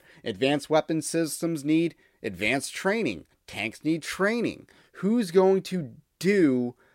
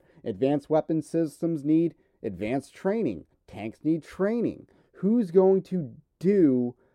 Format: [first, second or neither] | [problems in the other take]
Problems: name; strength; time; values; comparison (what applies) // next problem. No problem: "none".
first | muffled; slightly; fading above 1 kHz